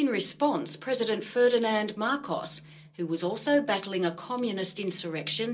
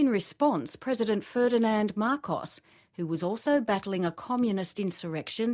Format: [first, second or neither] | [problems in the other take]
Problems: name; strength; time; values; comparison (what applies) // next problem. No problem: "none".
second | room echo; dies away in 0.2 s